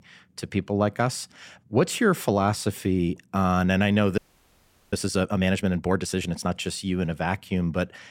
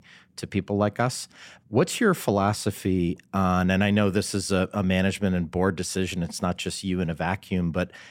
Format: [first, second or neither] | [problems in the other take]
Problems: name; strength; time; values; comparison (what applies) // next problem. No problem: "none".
second | audio freezing; at 4 s for 0.5 s